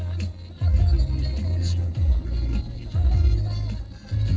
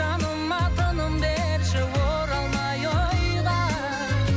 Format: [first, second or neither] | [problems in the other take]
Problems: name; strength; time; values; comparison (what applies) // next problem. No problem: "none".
second | noise reduction (neural separator model SepFormer DNS4)